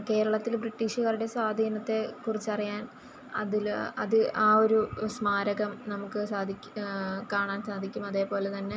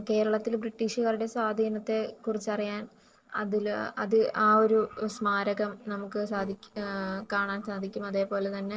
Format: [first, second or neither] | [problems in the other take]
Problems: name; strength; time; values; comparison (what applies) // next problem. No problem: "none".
first | noise reduction (neural separator model SepFormer DNS4)